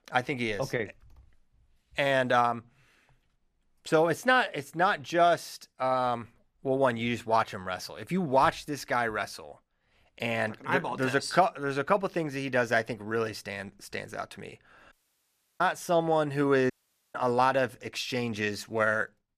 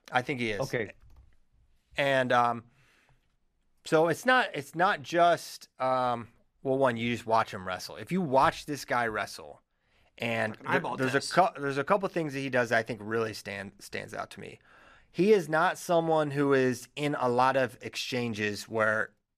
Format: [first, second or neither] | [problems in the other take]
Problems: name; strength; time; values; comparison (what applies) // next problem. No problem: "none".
second | audio cutting out; at 15 s for 0.5 s and at 17 s